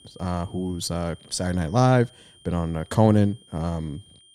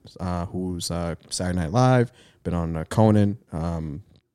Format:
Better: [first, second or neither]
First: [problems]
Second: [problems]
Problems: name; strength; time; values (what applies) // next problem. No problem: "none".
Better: second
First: high-pitched whine; faint; throughout; 3 kHz, 25 dB below the speech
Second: none